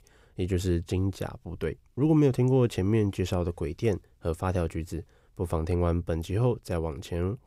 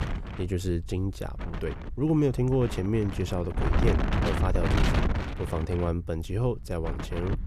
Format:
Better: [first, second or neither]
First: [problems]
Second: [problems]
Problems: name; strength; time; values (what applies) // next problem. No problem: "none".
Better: first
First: none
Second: wind noise on the microphone; heavy; 2 dB below the speech